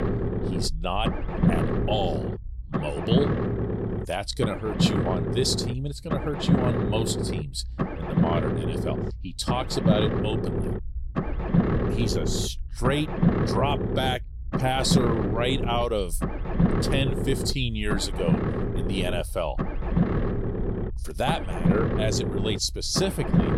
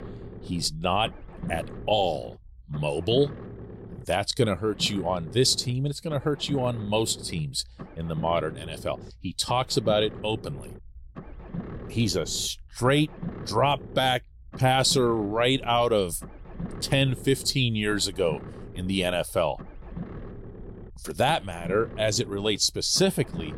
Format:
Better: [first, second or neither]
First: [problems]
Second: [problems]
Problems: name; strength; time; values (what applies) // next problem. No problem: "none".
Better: second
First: low rumble; loud; throughout; 3 dB below the speech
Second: low rumble; faint; throughout; 20 dB below the speech